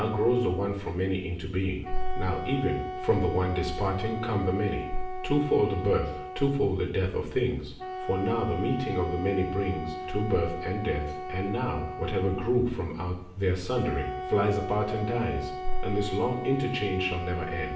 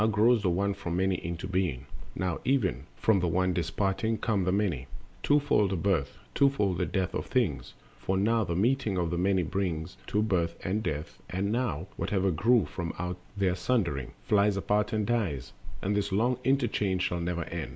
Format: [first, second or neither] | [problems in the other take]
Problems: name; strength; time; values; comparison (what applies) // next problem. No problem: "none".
second | background sound (Wind instrument, woodwind instrument); 9 dB below the speech // room echo; dies away in 0.6 s